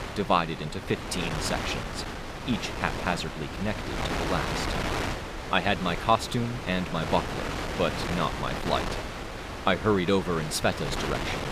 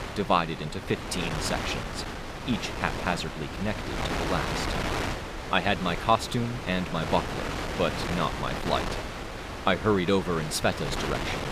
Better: neither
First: wind noise on the microphone; heavy; 5 dB below the speech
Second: wind noise on the microphone; heavy; 5 dB below the speech

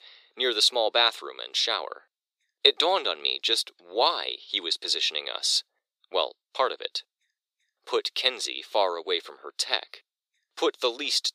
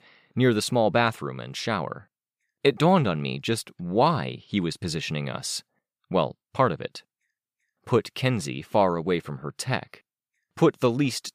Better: second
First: thin; very; fading below 350 Hz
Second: none

